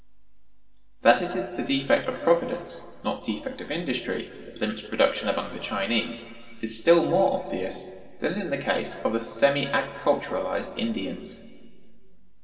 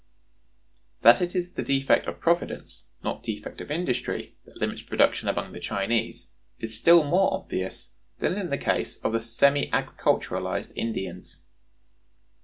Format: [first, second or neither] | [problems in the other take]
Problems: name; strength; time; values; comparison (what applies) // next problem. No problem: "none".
second | room echo; dies away in 2 s